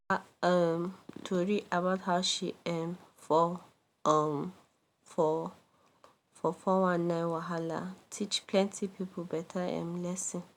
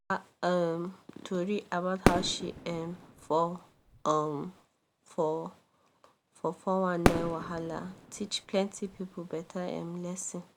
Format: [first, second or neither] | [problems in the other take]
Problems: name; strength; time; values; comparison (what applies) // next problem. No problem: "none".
first | background sound (Fireworks); 1 dB below the speech